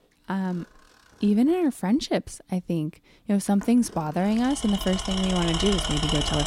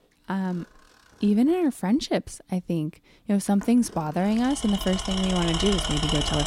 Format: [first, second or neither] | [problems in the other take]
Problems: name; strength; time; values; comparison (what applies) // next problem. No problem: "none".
neither | machinery noise; loud; throughout; 4 dB below the speech; the same in both